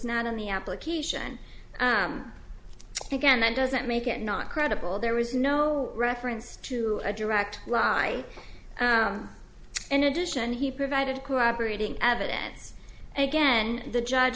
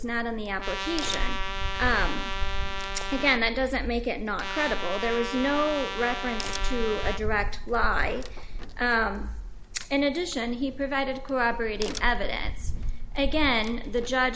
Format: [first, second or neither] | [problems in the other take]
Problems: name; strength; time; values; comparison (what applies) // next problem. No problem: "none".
first | background sound (Trumpet + Crack); 2 dB below the speech